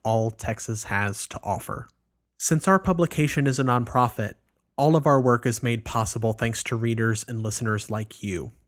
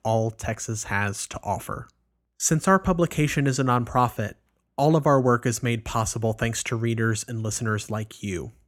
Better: second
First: garbled, watery; slightly; nothing above 18.5 kHz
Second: none

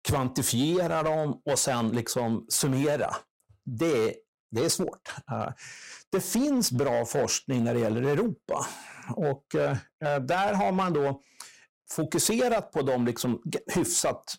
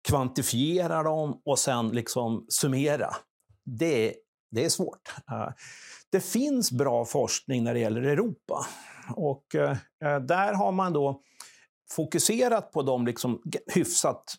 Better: second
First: distortion; slight; 9% of the sound clipped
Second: none

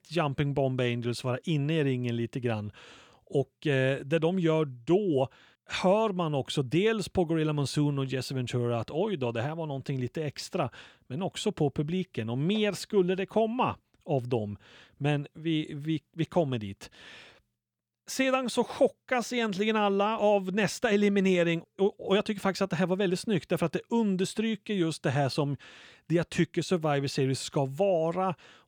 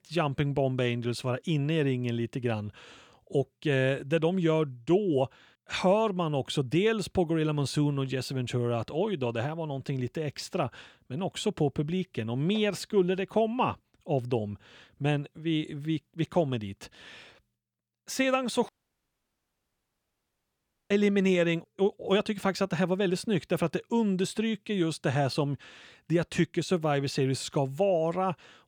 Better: first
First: none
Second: audio cutting out; at 19 s for 2 s

